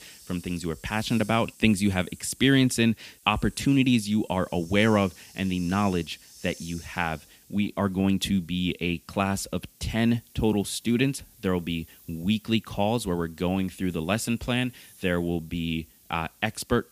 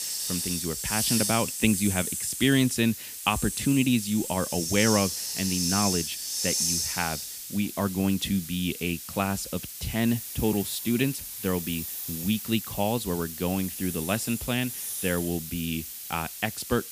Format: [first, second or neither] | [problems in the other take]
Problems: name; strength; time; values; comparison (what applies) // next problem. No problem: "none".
first | hiss; loud; throughout; 3 dB below the speech; faint in the first